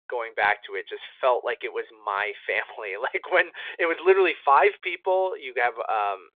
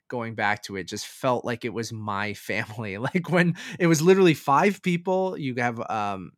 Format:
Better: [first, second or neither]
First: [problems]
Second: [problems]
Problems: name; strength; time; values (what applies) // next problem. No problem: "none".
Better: second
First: phone-call audio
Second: none